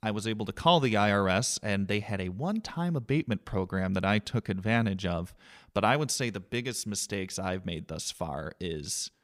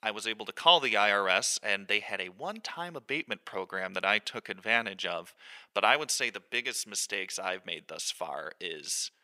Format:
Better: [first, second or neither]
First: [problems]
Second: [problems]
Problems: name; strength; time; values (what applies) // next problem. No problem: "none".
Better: first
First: none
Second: thin; very; fading below 550 Hz